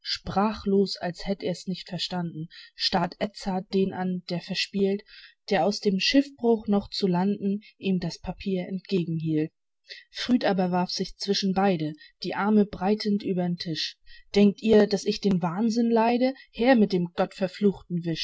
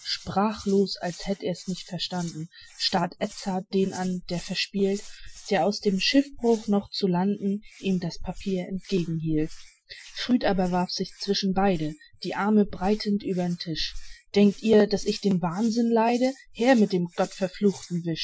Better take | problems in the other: first | noise reduction (classical method Wiener filter)

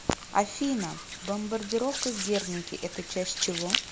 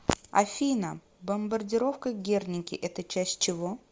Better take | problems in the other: second | background sound (Hands); 5 dB below the speech

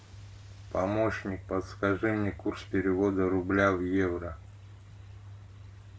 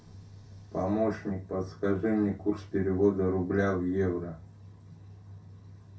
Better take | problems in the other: first | room echo; dies away in 0.3 s

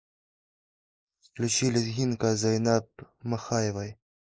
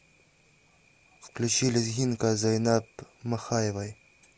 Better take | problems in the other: second | noise reduction (neural mask model Resemble Enhance denoiser)

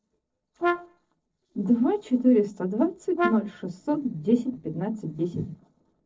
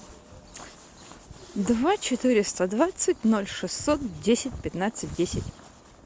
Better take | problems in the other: second | noise reduction (neural separator model SepFormer DNS4)

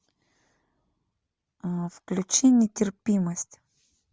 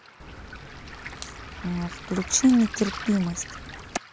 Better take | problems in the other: first | background sound (Waves, surf + Crack); 11 dB below the speech

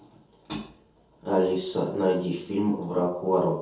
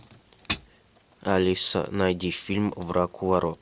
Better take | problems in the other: second | room echo; dies away in 0.6 s

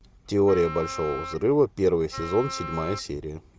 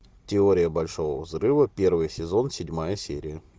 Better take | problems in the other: second | background sound (Wind instrument, woodwind instrument); 11 dB below the speech

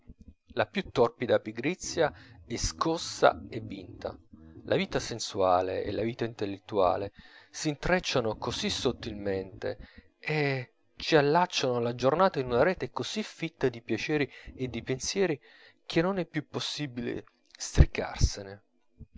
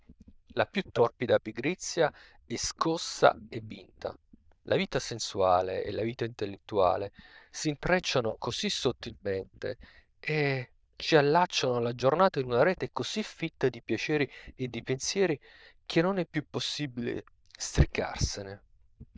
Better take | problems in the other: first | noise reduction (neural diffusion model UNIVERSE++)

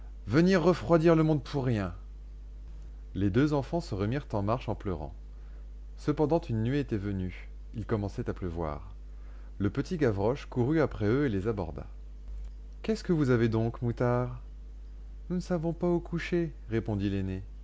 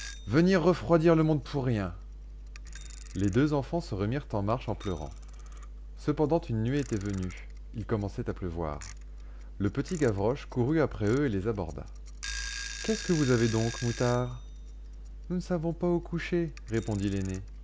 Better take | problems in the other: first | background sound (Alarm / Clock); 18 dB below the speech

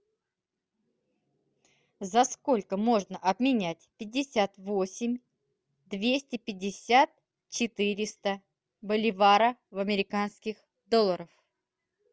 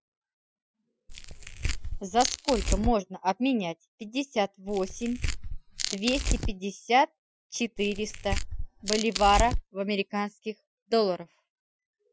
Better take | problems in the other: first | noise reduction (classical method Wiener filter)

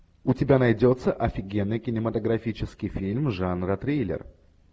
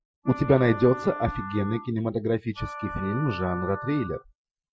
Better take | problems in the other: first | noise reduction (classical method Wiener filter)

